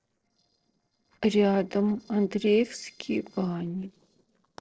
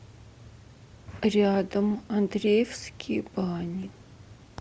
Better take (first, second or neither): second